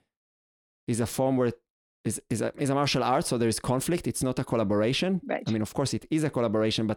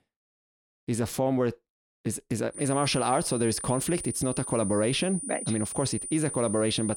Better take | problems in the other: first | high-pitched whine; loud; from 2.5 s on; 9.5 kHz, 6 dB below the speech

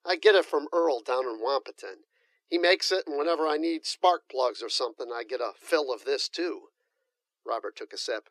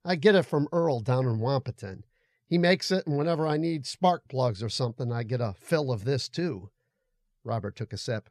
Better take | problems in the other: second | thin; very; fading below 300 Hz

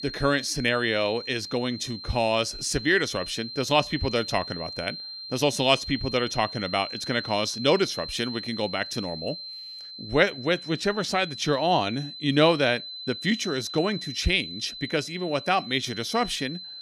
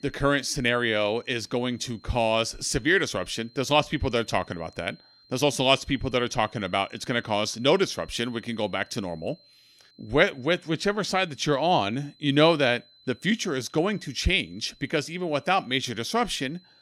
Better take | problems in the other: second | high-pitched whine; loud; throughout; 4 kHz, 10 dB below the speech; faint in the second

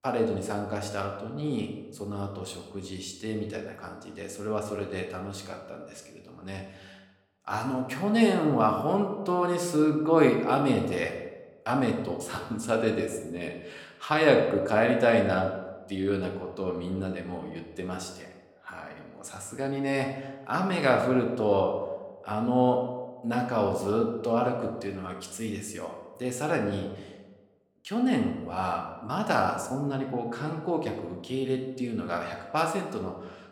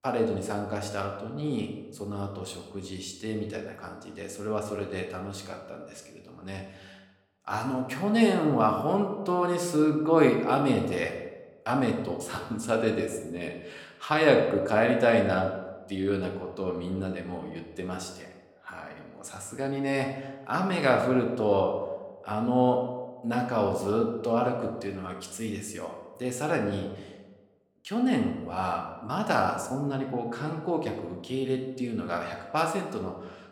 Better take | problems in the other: neither | room echo; slight; dies away in 0.9 s; the same in both

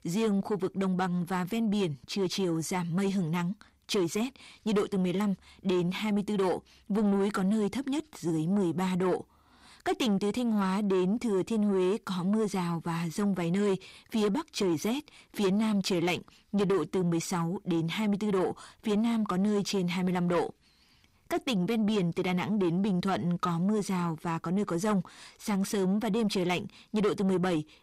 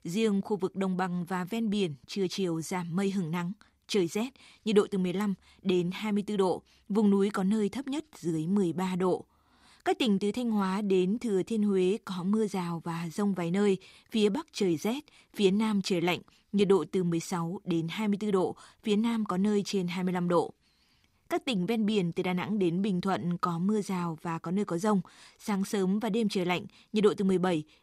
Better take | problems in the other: second | distortion; slight; 10 dB below the speech

